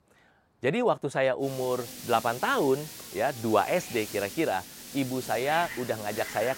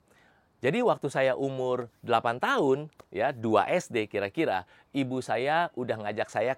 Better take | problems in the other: second | hiss; noticeable; from 1.5 s on; 10 dB below the speech

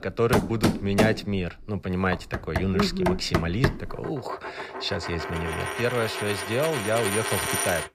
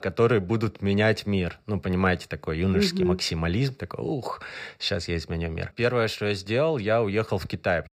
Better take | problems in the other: second | household noises; loud; throughout; 1 dB below the speech

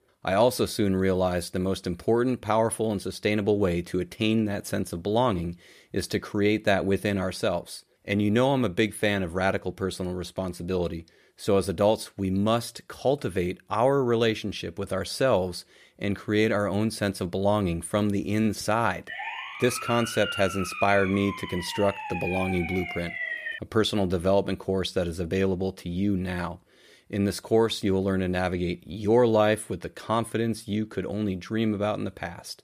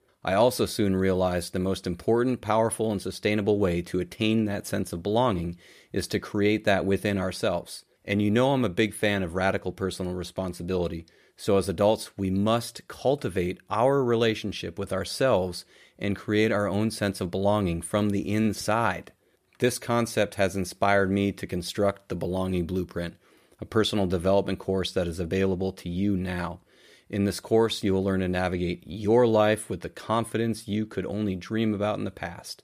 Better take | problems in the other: second | siren; noticeable; from 19 to 24 s; peak 4 dB below the speech

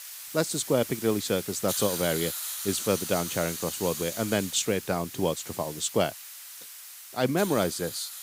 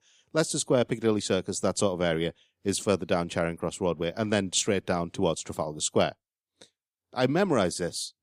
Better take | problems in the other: second | hiss; loud; throughout; 6 dB below the speech

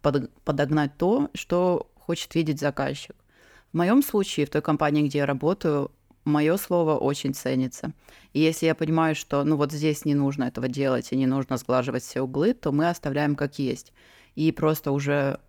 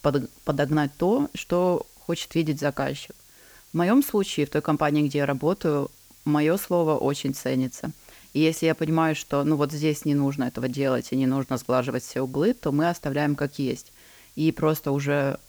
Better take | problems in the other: first | hiss; faint; throughout; 25 dB below the speech

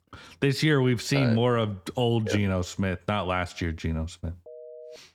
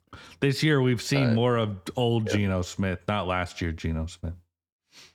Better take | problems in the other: second | phone ringing; faint; at 4.5 s; peak 20 dB below the speech

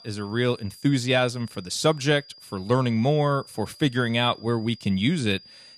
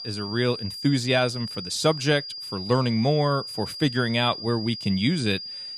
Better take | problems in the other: first | high-pitched whine; loud; throughout; 5 kHz, 9 dB below the speech; faint in the first

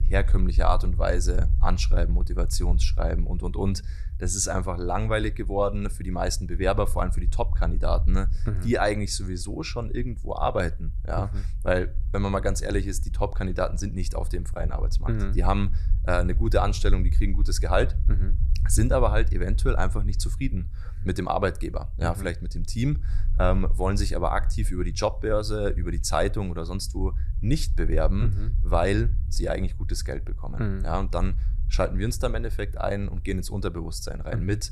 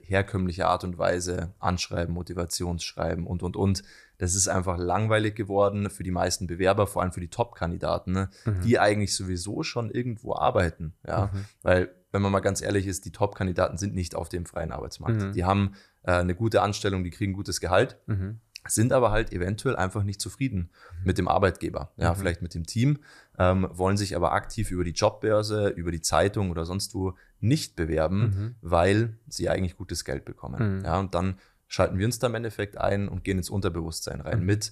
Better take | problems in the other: second | low rumble; faint; throughout; 20 dB below the speech

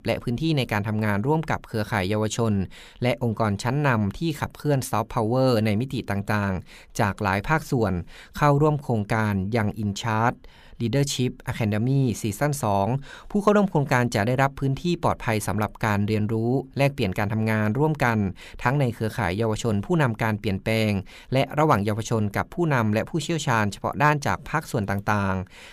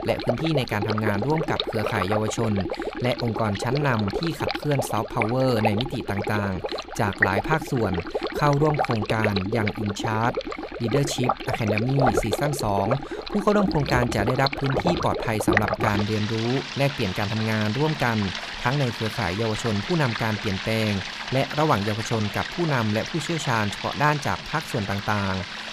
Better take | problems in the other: first | rain or running water; loud; throughout; 4 dB below the speech

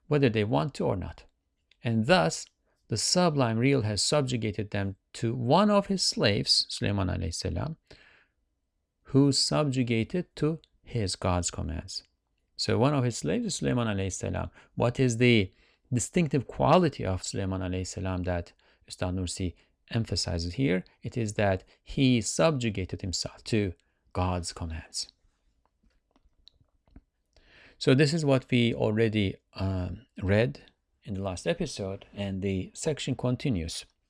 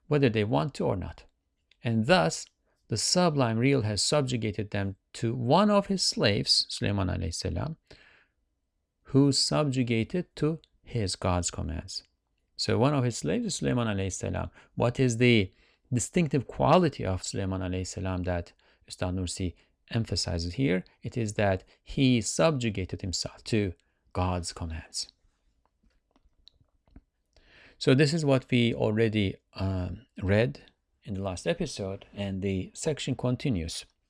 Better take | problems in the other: neither | none

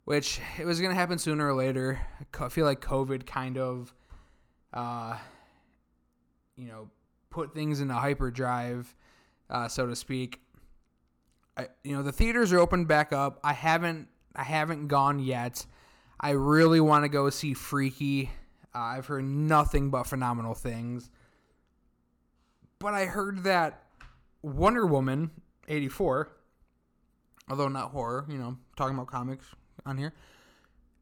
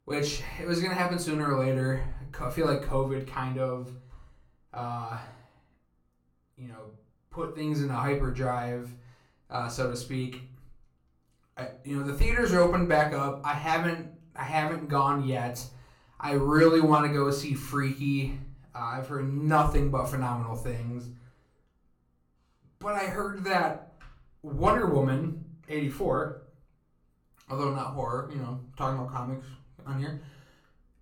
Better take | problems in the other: first | off-mic speech; far // room echo; very slight; dies away in 0.3 s

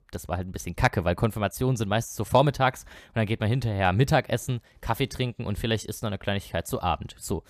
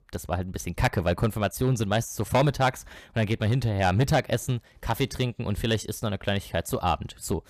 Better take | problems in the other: first | distortion; slight; 3% of the sound clipped

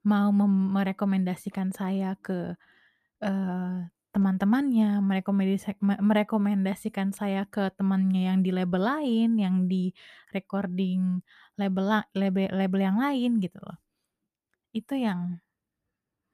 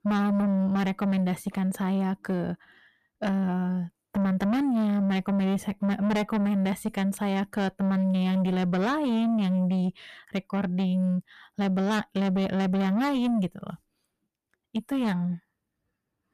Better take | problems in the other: first | distortion; slight; 10 dB below the speech

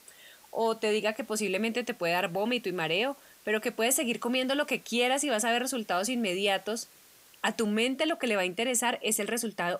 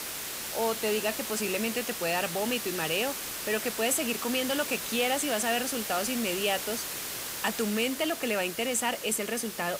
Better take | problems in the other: first | hiss; loud; throughout; 4 dB below the speech; faint in the first

